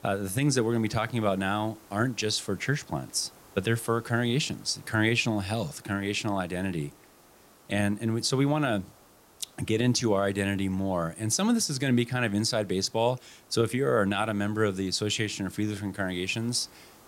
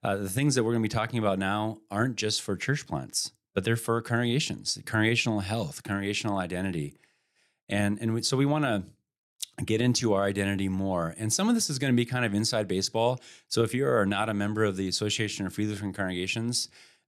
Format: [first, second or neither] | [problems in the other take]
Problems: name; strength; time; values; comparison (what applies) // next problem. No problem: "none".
second | hiss; faint; throughout; 25 dB below the speech